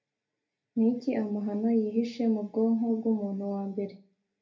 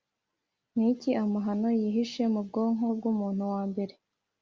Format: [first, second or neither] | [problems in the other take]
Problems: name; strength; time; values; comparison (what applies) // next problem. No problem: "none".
second | room echo; dies away in 0.3 s